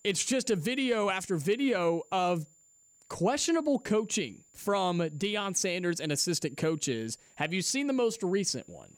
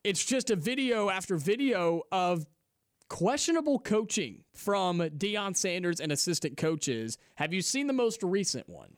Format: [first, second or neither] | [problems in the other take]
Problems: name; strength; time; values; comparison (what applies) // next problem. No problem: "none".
second | high-pitched whine; faint; throughout; 7 kHz, 30 dB below the speech